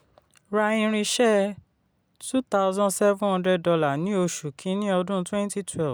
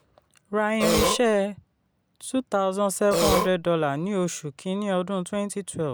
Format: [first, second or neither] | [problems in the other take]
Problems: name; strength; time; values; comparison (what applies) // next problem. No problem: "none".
first | background sound (Burping, eructation); 2 dB above the speech